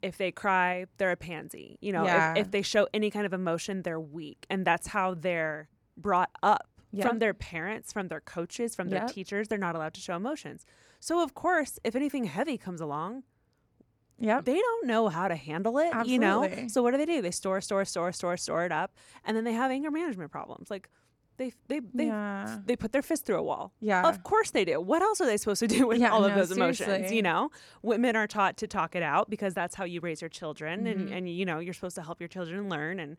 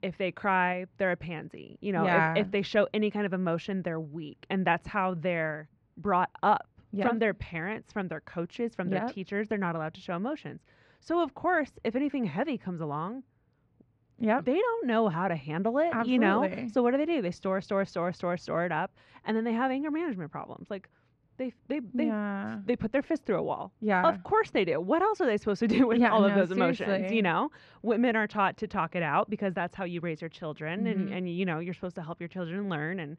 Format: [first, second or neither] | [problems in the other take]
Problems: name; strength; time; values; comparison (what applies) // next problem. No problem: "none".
first | muffled; slightly; fading above 3.5 kHz